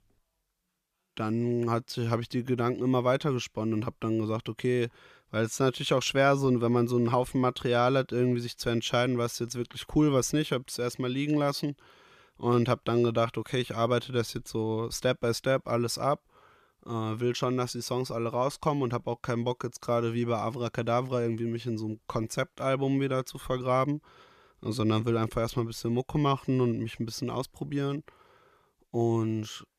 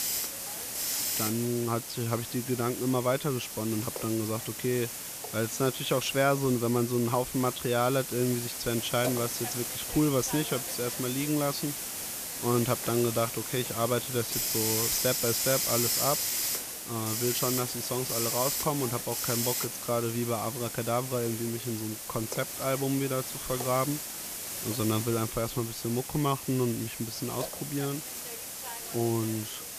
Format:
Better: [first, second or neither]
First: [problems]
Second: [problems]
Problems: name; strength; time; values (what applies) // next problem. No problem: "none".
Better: first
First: none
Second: hiss; loud; throughout; 2 dB below the speech